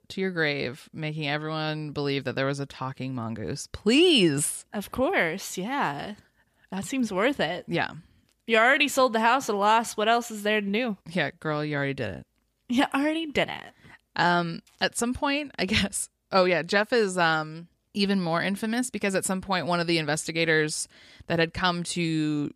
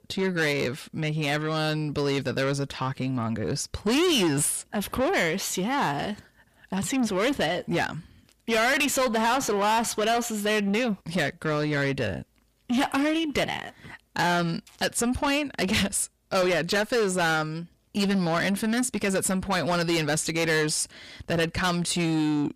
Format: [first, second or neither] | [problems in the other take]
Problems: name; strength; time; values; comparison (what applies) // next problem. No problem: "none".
first | distortion; heavy; 7 dB below the speech